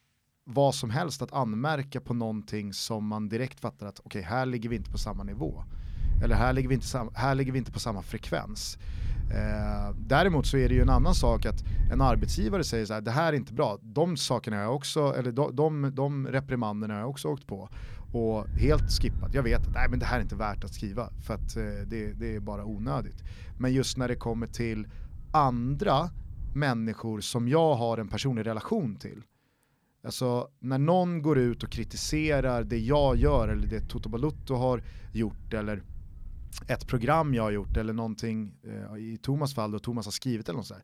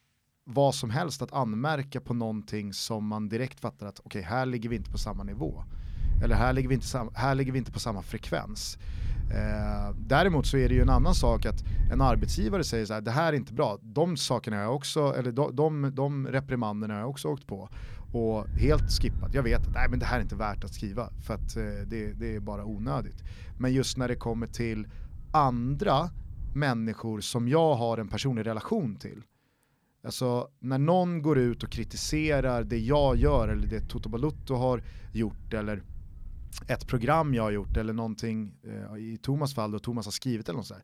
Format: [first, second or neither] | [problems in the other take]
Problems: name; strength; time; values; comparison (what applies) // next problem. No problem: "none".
neither | wind noise on the microphone; occasional gusts; from 4.5 to 13 s, from 18 to 27 s and from 31 to 38 s; 20 dB below the speech; the same in both